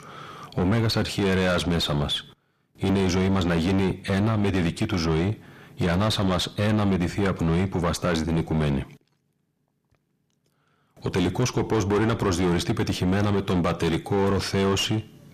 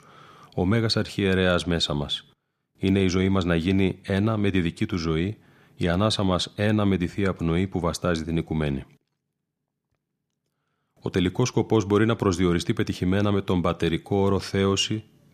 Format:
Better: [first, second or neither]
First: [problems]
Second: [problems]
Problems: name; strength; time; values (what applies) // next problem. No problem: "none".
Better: second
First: distortion; heavy; 6 dB below the speech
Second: none